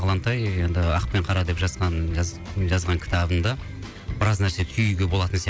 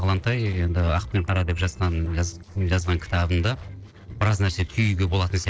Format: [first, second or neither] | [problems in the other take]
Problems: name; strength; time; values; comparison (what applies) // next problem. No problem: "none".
first | noise reduction (neural separator model SepFormer DNS4)